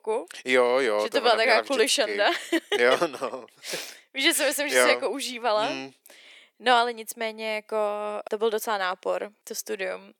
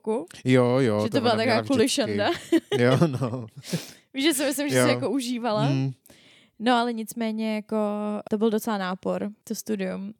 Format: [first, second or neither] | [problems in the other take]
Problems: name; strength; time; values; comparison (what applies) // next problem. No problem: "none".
second | thin; very; fading below 450 Hz